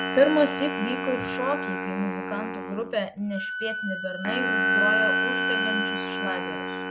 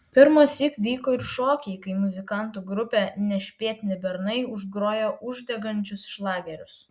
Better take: second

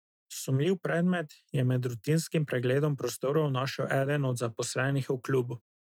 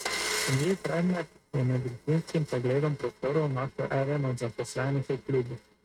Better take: first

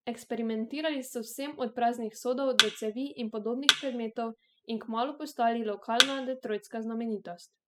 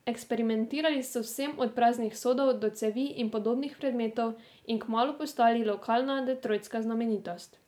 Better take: second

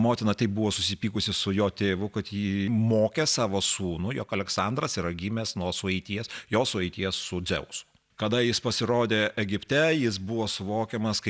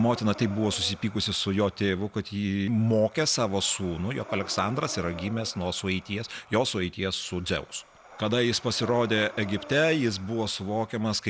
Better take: first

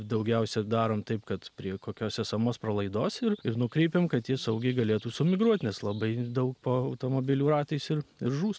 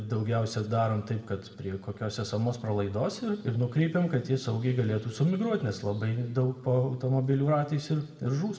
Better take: first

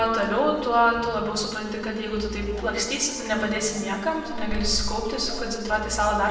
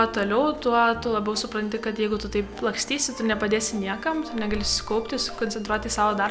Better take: second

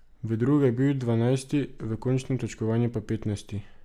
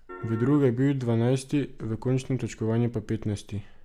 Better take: first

